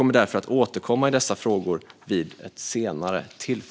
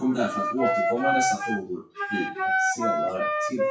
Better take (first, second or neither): first